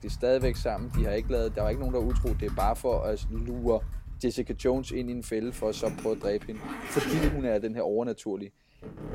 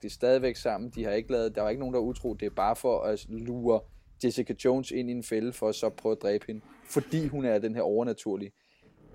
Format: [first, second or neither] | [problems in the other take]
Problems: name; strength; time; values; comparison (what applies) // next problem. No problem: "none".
second | household noises; loud; throughout; 5 dB below the speech; faint in the second